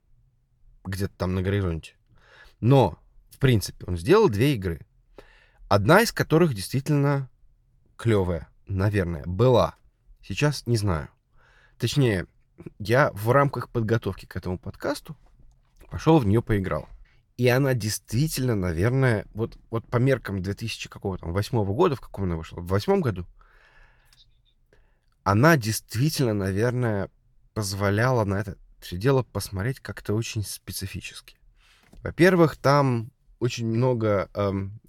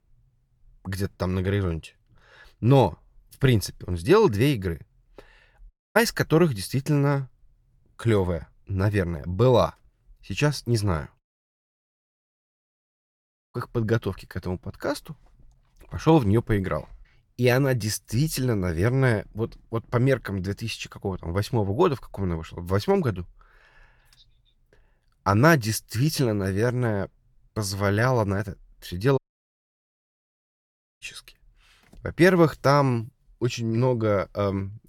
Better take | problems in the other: first | audio cutting out; at 5.5 s, at 11 s for 2.5 s and at 29 s for 2 s

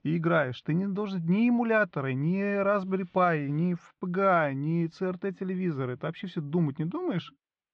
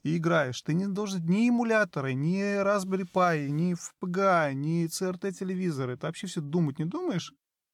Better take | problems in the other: second | muffled; very; fading above 3 kHz

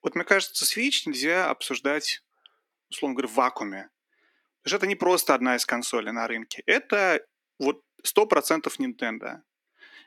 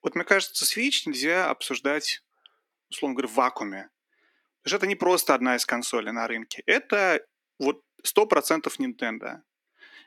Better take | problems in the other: neither | thin; somewhat; fading below 250 Hz; the same in both

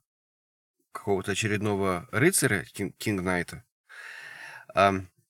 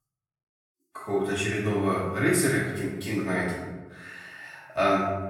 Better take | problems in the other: first | room echo; noticeable; dies away in 1.1 s // off-mic speech; far

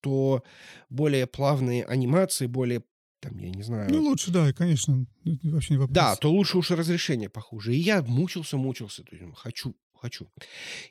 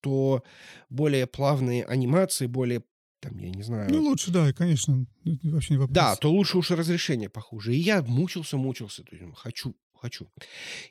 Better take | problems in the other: neither | none

